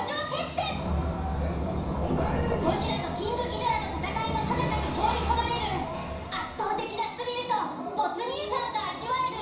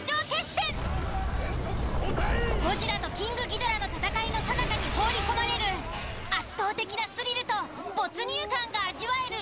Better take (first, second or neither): second